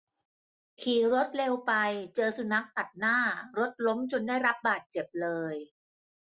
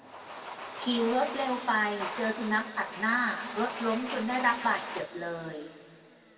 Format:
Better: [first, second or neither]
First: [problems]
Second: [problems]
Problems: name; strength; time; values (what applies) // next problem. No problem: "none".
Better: first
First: none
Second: background sound (Domestic sounds, home sounds); 9 dB below the speech // room echo; dies away in 1.5 s